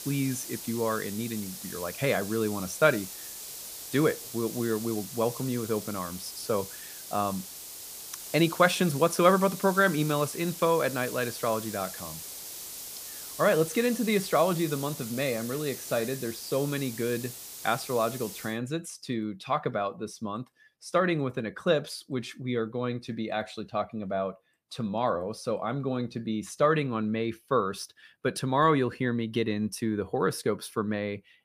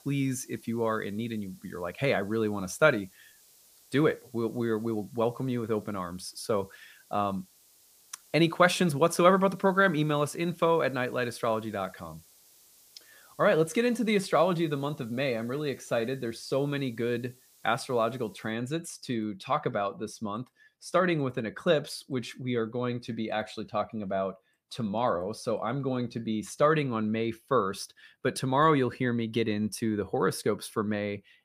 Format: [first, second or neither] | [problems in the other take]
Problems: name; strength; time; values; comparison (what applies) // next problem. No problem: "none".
second | hiss; loud; until 19 s; 10 dB below the speech; faint in the second